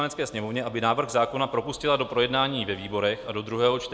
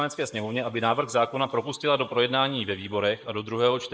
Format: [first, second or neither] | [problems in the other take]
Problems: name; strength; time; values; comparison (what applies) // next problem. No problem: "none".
first | noise reduction (neural mask model Resemble Enhance denoiser)